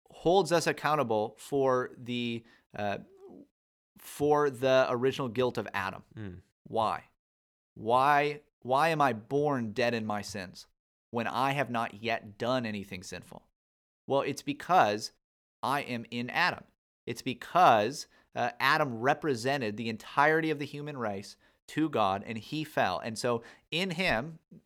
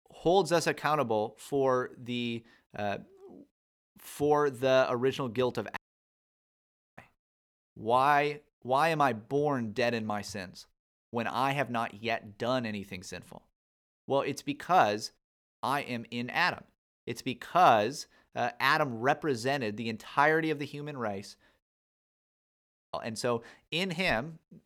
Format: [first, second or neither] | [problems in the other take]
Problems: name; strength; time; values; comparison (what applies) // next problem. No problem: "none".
first | audio cutting out; at 6 s for 1 s and at 22 s for 1.5 s